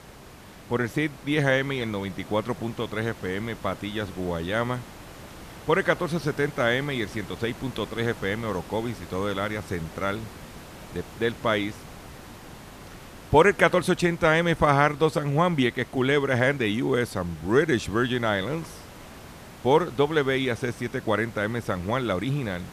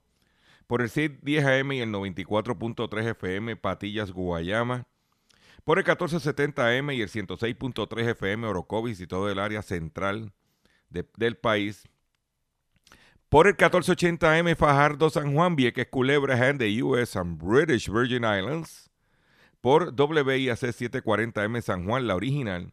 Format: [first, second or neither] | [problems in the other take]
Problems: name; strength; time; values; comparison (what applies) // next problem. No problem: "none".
second | hiss; noticeable; throughout; 20 dB below the speech